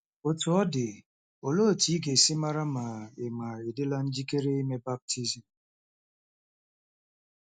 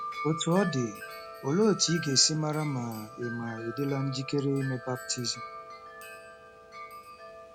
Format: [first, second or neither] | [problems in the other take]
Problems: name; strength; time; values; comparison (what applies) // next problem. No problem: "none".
first | background sound (Wind chime); 11 dB below the speech